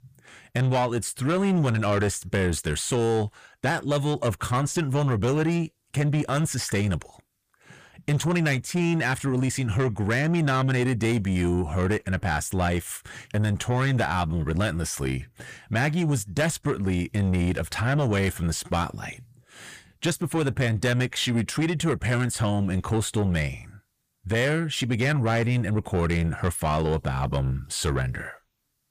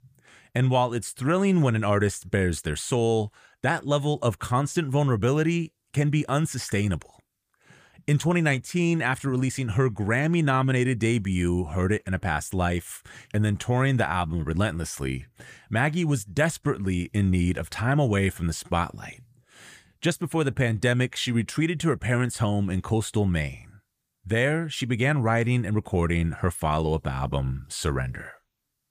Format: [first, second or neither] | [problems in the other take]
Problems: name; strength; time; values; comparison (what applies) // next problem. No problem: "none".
second | distortion; slight; 10 dB below the speech